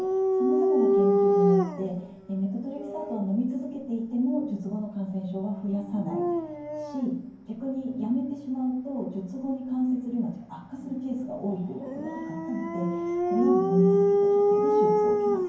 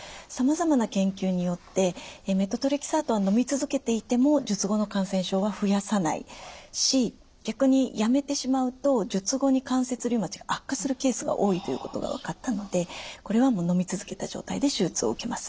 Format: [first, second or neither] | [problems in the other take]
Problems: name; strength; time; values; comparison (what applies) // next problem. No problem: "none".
second | background sound (Dog); 2 dB above the speech // room echo; dies away in 0.9 s